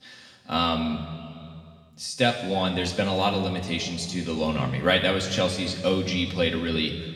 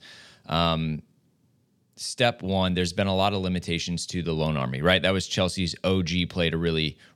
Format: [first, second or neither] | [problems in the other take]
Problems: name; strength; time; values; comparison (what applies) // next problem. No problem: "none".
second | room echo; noticeable; dies away in 2 s // off-mic speech; somewhat distant